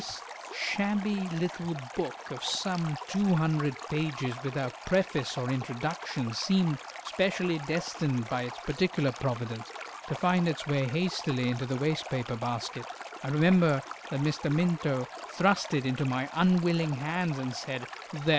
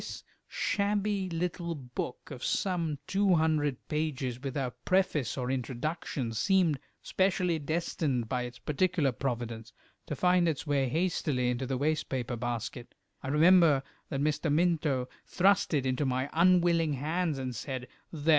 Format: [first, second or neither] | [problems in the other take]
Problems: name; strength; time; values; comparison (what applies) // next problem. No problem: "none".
second | background sound (Stream); 13 dB below the speech